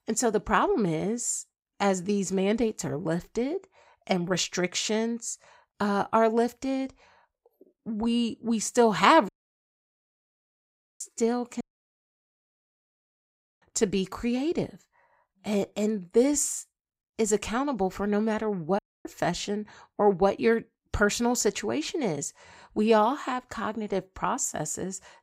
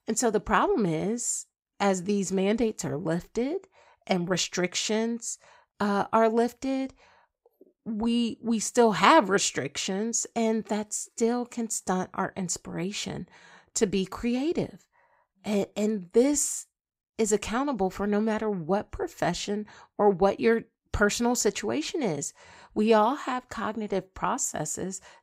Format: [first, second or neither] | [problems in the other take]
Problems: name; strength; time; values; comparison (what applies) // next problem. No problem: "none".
second | audio cutting out; at 9.5 s for 1.5 s, at 12 s for 2 s and at 19 s